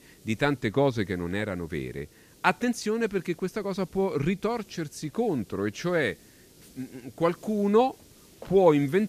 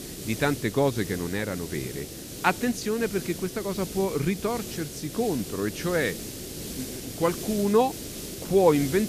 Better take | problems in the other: first | hiss; loud; throughout; 9 dB below the speech; faint in the first

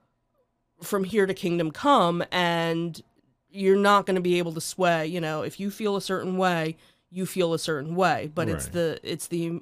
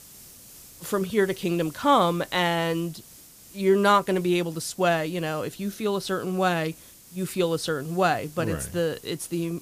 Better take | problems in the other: first | hiss; faint; throughout; 20 dB below the speech

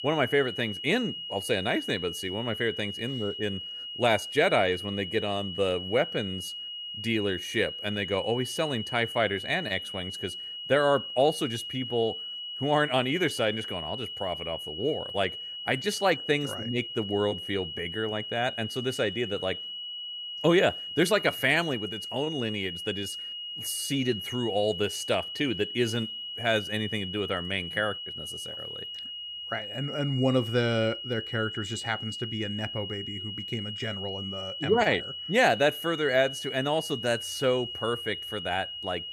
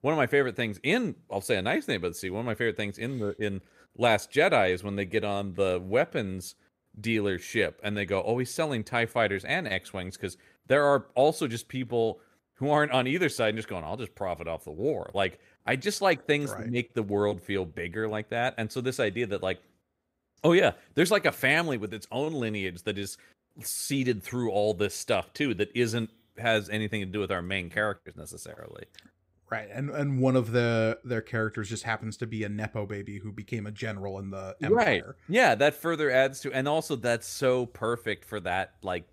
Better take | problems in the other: second | high-pitched whine; loud; throughout; 3 kHz, 6 dB below the speech

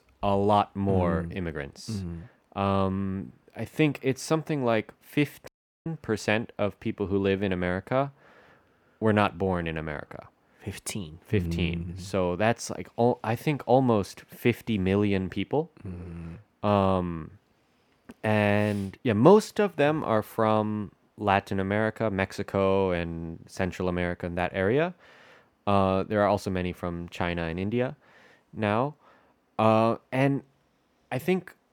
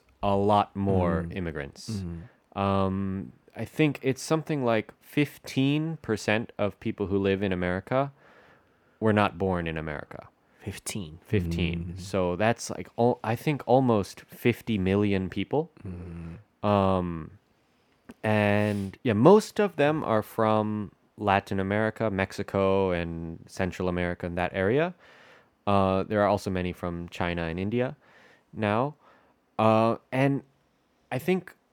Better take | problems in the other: second | audio cutting out; at 5.5 s

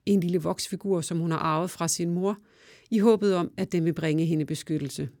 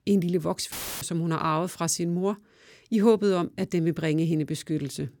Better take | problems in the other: first | audio cutting out; filled with static; at 0.5 s

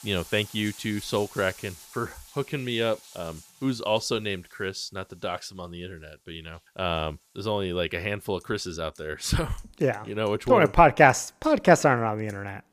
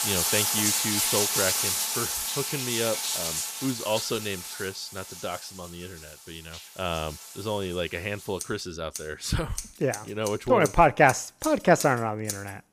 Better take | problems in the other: first | household noises; loud; throughout; as loud as the speech; faint in the first

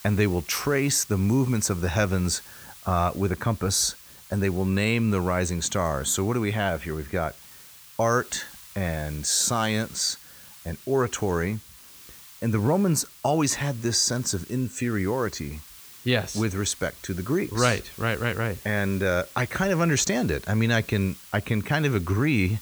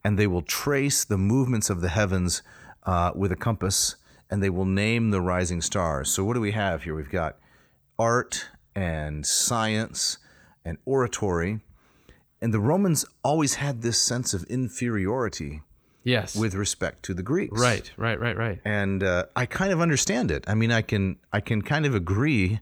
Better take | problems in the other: second | hiss; noticeable; throughout; 20 dB below the speech

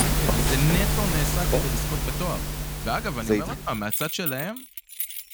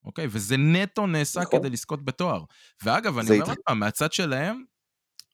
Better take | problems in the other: second | household noises; very loud; throughout; 2 dB above the speech

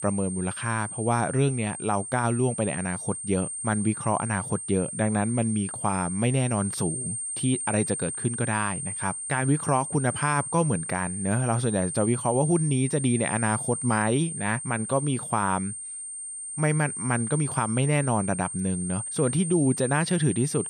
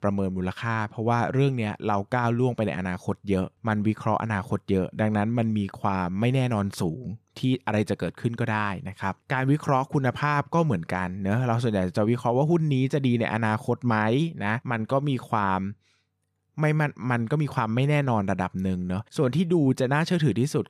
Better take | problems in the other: second | high-pitched whine; loud; throughout; 8.5 kHz, 5 dB below the speech

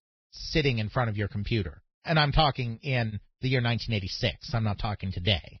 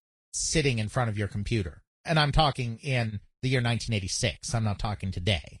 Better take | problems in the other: second | garbled, watery; badly; nothing above 5.5 kHz; slightly in the second

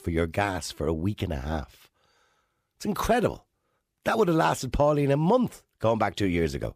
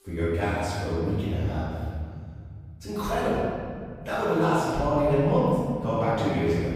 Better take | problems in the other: first | room echo; strong; dies away in 2.6 s // off-mic speech; far

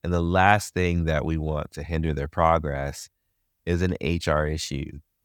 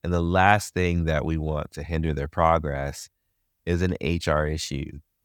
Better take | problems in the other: neither | none

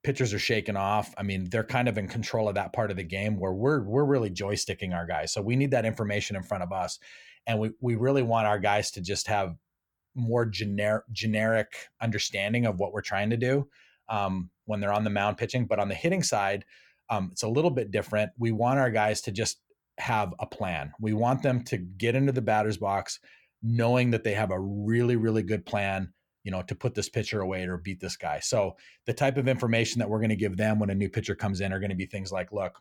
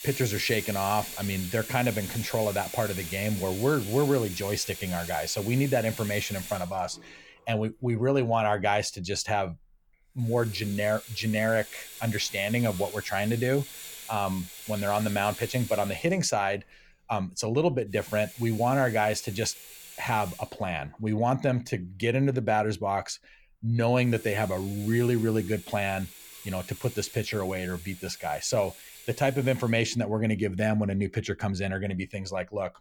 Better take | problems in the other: first | household noises; noticeable; throughout; 10 dB below the speech

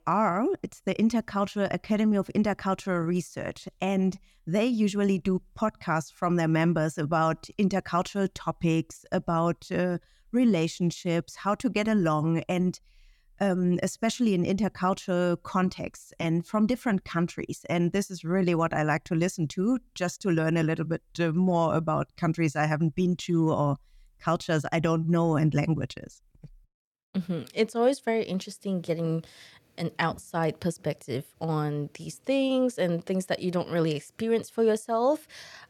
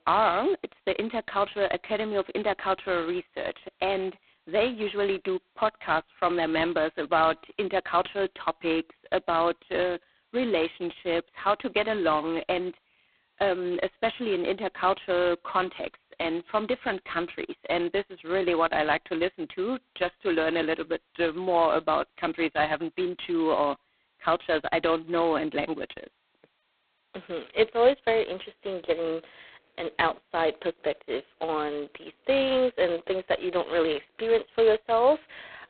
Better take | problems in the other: first | phone-call audio; poor line; nothing above 4 kHz

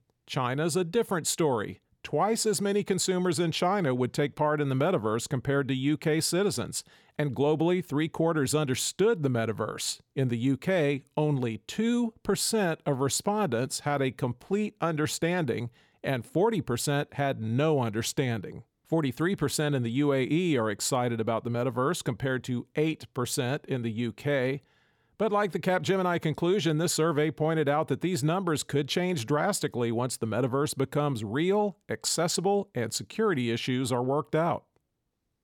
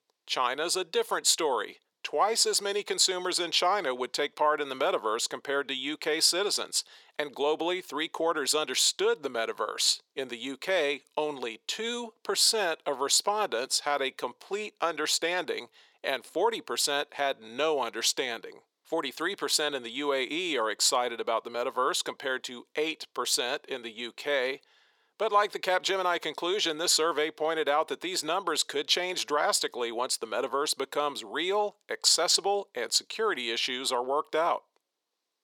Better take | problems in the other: first | thin; very; fading below 400 Hz

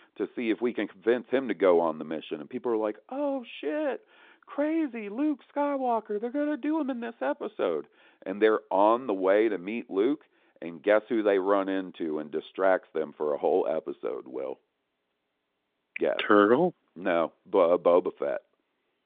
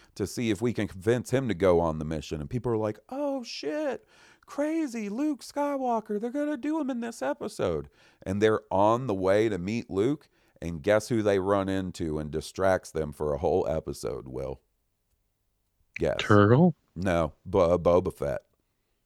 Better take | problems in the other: second | phone-call audio; nothing above 3.5 kHz

